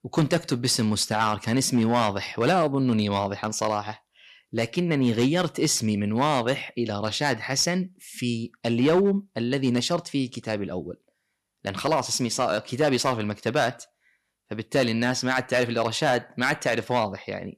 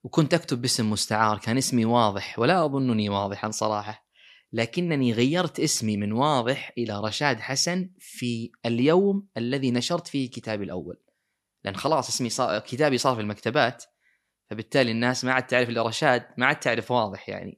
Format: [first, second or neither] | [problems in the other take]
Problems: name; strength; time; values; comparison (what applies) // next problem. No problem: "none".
second | distortion; slight; 3% of the sound clipped